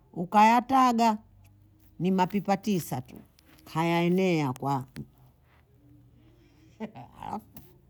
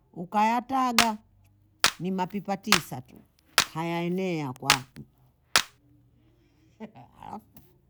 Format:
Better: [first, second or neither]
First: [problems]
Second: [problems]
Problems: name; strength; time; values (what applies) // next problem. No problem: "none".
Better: first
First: none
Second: background sound (Clapping); 2 dB above the speech